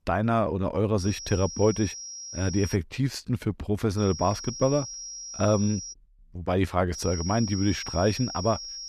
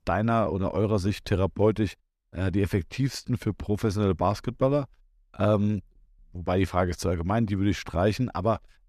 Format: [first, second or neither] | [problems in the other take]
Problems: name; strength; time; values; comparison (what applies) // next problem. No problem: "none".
second | high-pitched whine; loud; from 1 to 3 s, from 4 to 6 s and from 7 s on; 5.5 kHz, 9 dB below the speech